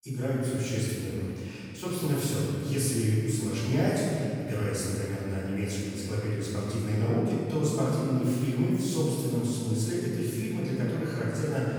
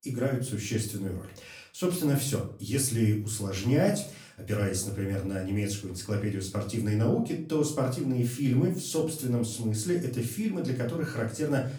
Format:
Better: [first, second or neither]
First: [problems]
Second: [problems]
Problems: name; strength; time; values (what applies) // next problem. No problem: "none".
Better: second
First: room echo; strong; dies away in 2.5 s // off-mic speech; far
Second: room echo; slight; dies away in 0.4 s // off-mic speech; far